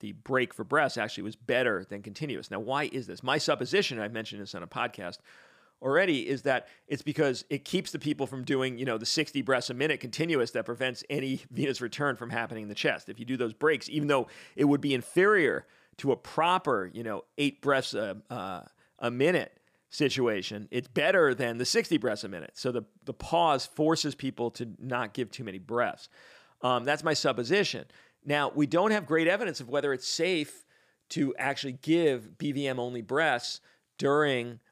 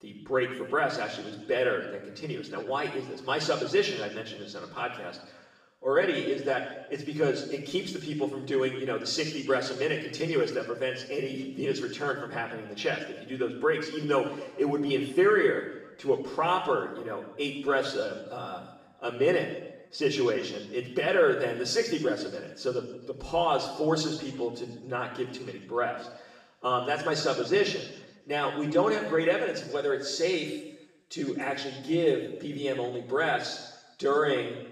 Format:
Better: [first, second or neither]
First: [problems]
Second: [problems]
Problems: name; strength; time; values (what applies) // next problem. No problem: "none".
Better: first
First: none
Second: room echo; noticeable; dies away in 1 s // off-mic speech; far